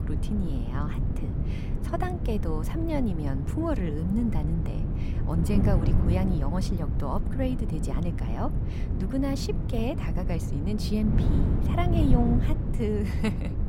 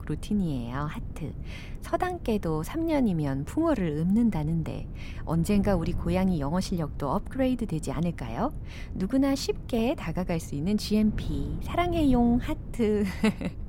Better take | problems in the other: second | wind noise on the microphone; heavy; 5 dB below the speech; occasional gusts in the second

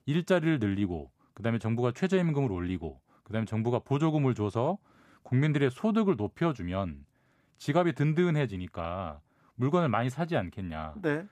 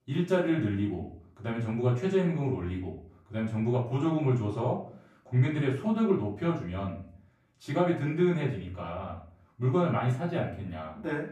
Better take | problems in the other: first | off-mic speech; far // room echo; slight; dies away in 0.4 s

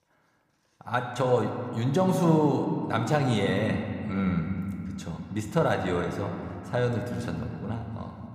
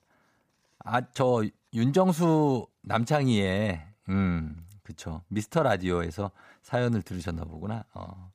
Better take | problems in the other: second | room echo; slight; dies away in 2.5 s

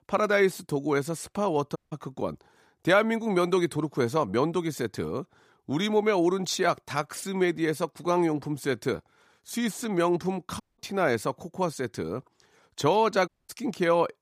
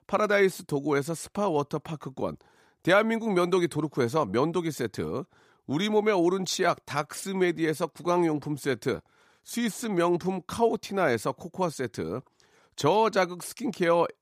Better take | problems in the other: second | audio cutting out; at 2 s, at 11 s and at 13 s

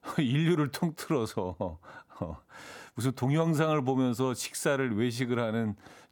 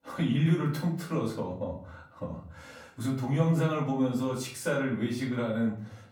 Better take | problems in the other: first | off-mic speech; far // room echo; slight; dies away in 0.5 s

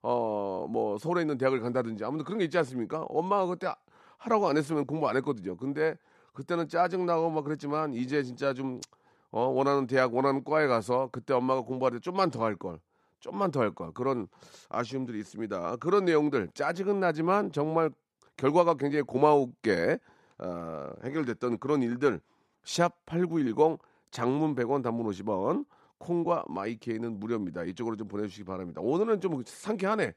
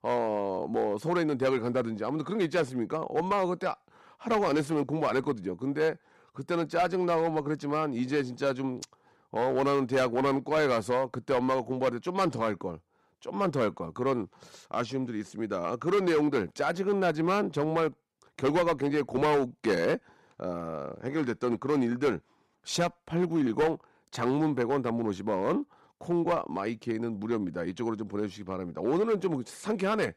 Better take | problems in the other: first | distortion; slight; 5% of the sound clipped

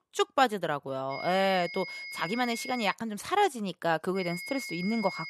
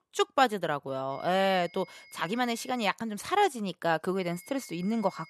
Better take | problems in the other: second | high-pitched whine; loud; from 1 to 3 s and from 4 s on; 2 kHz, 8 dB below the speech; faint in the second

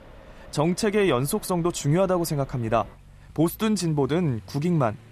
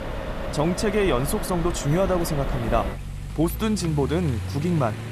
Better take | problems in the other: first | traffic noise; loud; throughout; 7 dB below the speech; faint in the first

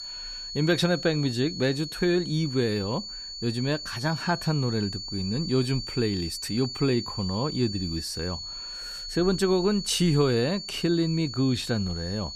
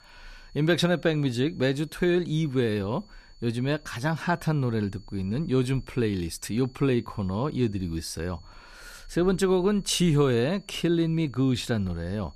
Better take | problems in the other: second | high-pitched whine; loud; throughout; 4.5 kHz, 8 dB below the speech; faint in the second

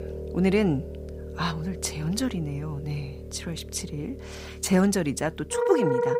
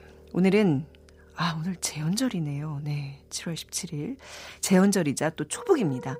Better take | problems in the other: second | background music; loud; throughout; 6 dB below the speech; faint in the second

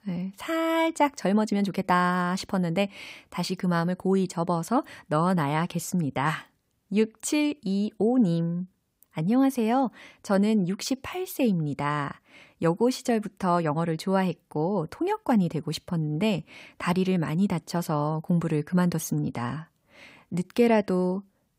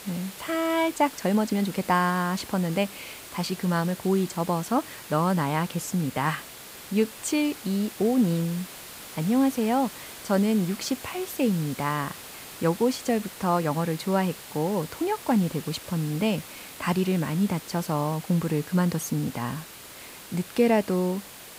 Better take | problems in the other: first | hiss; noticeable; throughout; 15 dB below the speech

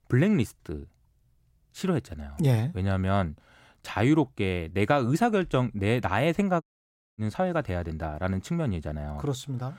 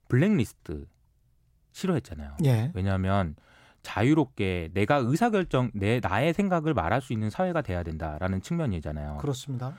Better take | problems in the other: second | audio cutting out; at 6.5 s for 0.5 s

